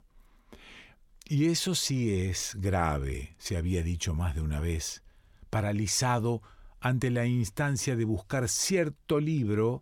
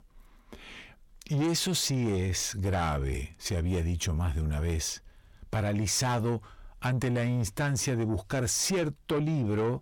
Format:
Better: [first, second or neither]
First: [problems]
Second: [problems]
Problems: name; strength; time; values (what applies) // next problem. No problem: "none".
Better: first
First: none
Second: distortion; slight; 10 dB below the speech